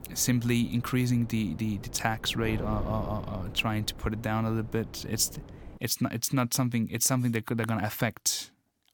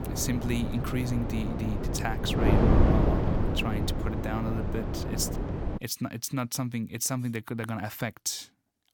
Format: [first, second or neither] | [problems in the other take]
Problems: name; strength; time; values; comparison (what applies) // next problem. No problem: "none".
first | wind noise on the microphone; heavy; until 6 s; 1 dB above the speech; occasional gusts in the first